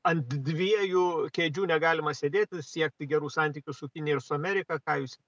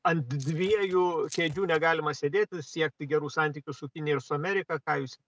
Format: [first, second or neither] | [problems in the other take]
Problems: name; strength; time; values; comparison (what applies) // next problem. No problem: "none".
first | noise reduction (neural mask model RNNoise)